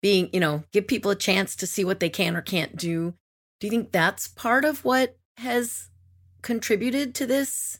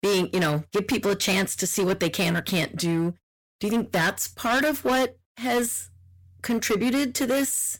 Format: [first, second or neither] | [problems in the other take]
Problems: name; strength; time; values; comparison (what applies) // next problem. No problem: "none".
first | distortion; heavy; 16% of the sound clipped